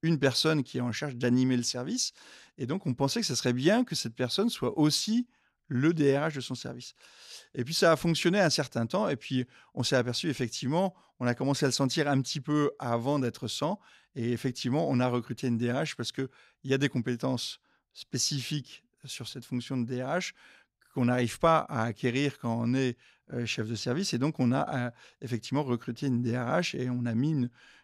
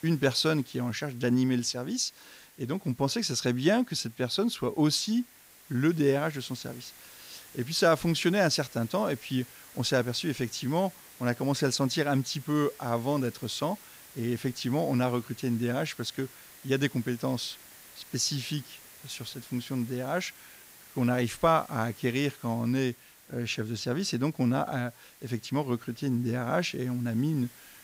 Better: first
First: none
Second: hiss; faint; throughout; 20 dB below the speech

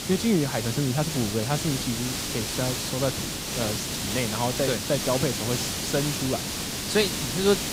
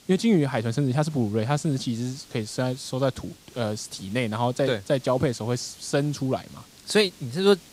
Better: second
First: hiss; loud; throughout; 1 dB below the speech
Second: hiss; faint; throughout; 25 dB below the speech

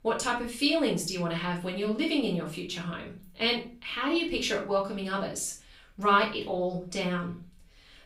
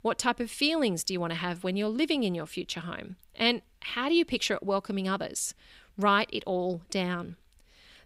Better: second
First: off-mic speech; far // room echo; slight; dies away in 0.3 s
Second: none

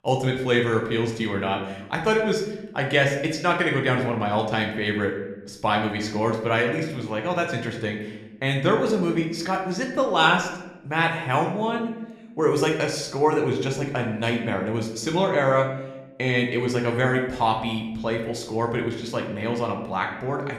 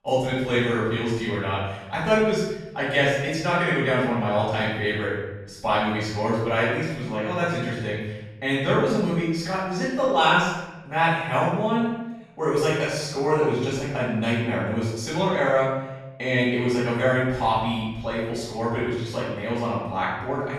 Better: first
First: room echo; slight; dies away in 0.7 s // off-mic speech; somewhat distant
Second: room echo; strong; dies away in 0.9 s // off-mic speech; far

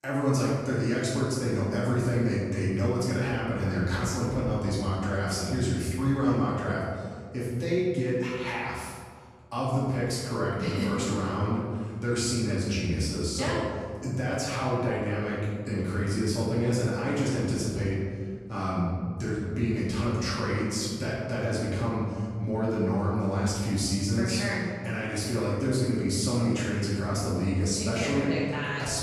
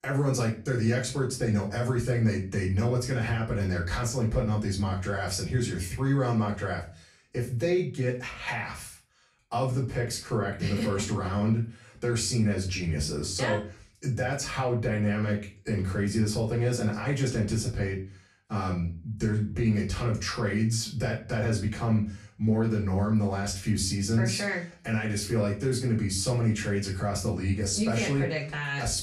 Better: second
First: room echo; strong; dies away in 1.7 s // off-mic speech; far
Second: room echo; slight; dies away in 0.3 s // off-mic speech; far

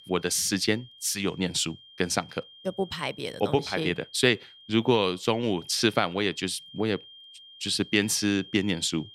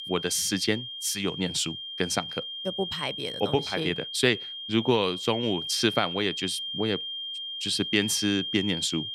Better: first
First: high-pitched whine; faint; throughout; 3 kHz, 20 dB below the speech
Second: high-pitched whine; loud; throughout; 3 kHz, 5 dB below the speech

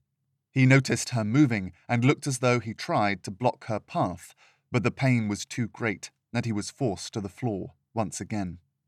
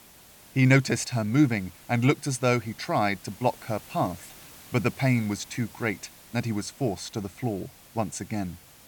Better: first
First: none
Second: hiss; faint; throughout; 20 dB below the speech

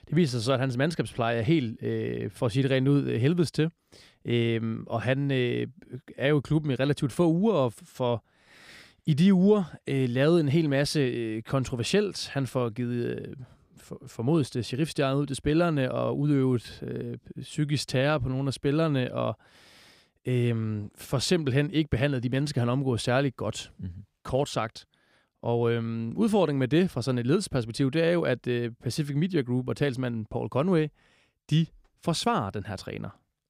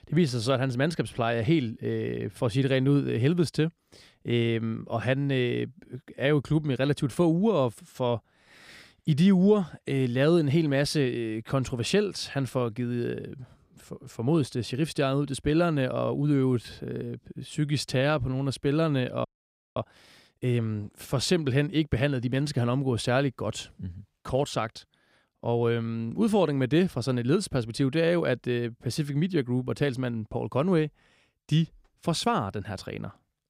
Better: first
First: none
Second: audio freezing; at 19 s for 0.5 s

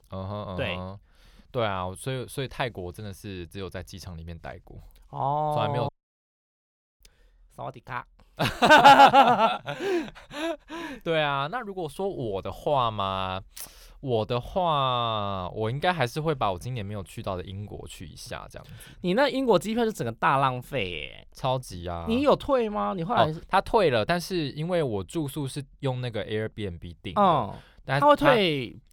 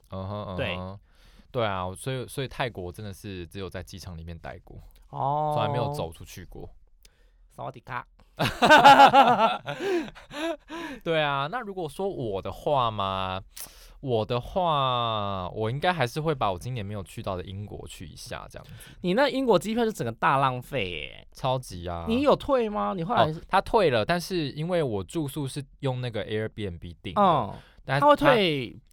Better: second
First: audio cutting out; at 6 s for 1 s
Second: none

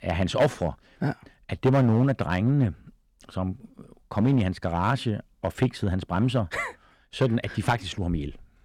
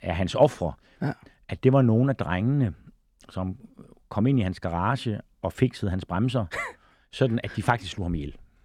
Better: second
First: distortion; slight; 3% of the sound clipped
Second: none

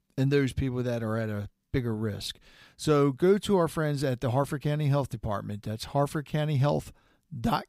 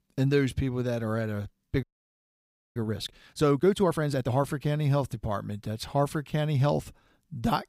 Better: first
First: none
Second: audio freezing; at 2 s for 1 s

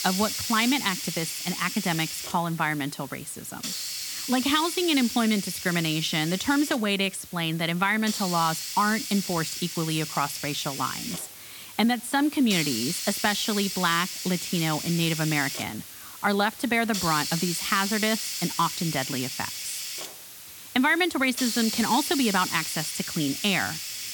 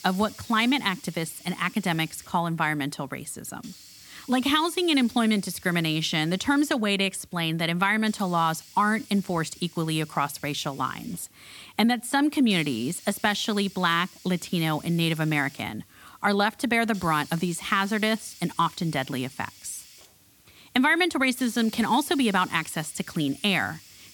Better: second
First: hiss; loud; throughout; 5 dB below the speech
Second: hiss; faint; throughout; 20 dB below the speech

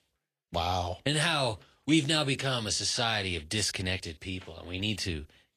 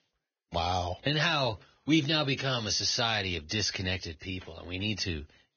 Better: first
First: garbled, watery; slightly; nothing above 12 kHz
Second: garbled, watery; badly; nothing above 6.5 kHz

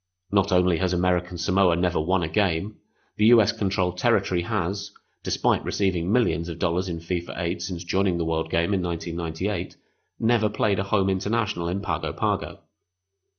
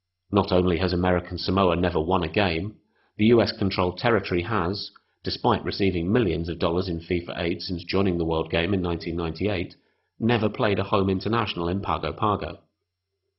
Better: first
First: garbled, watery; slightly; nothing above 6.5 kHz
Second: garbled, watery; badly; nothing above 5.5 kHz

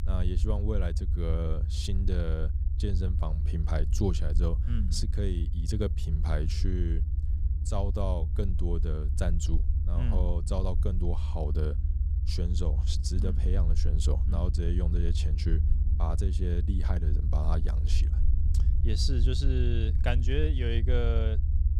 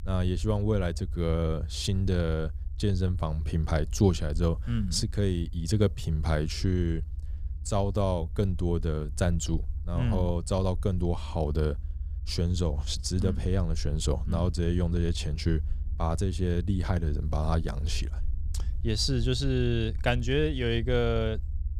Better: second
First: low rumble; loud; throughout; 9 dB below the speech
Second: low rumble; faint; throughout; 20 dB below the speech

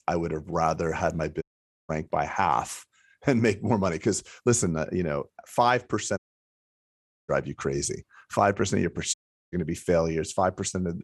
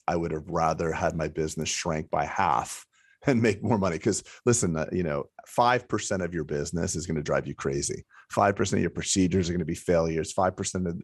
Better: second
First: audio cutting out; at 1.5 s, at 6 s for 1 s and at 9 s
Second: none

